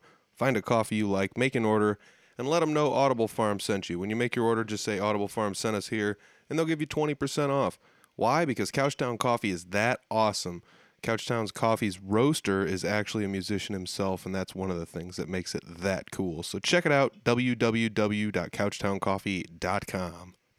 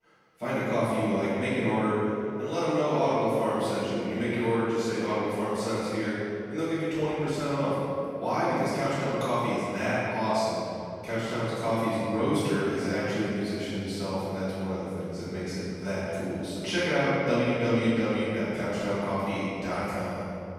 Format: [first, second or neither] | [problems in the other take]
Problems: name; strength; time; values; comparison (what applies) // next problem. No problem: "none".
first | off-mic speech; far // room echo; strong; dies away in 2.4 s